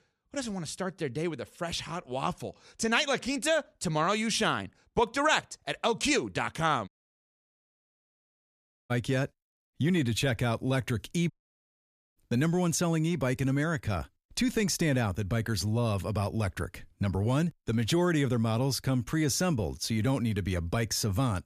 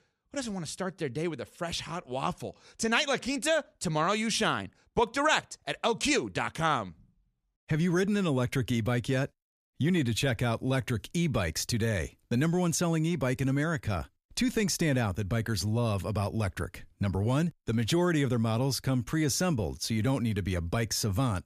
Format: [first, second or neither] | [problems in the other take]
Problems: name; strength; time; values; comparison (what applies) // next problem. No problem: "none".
second | audio cutting out; at 7 s for 2 s and at 11 s for 1 s